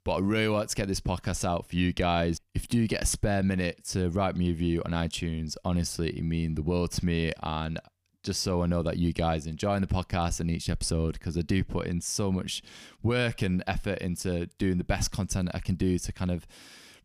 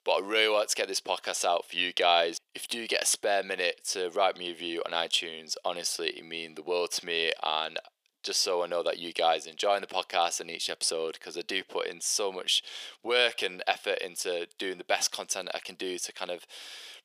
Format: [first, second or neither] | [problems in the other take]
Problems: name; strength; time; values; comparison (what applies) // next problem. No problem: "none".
first | thin; very; fading below 450 Hz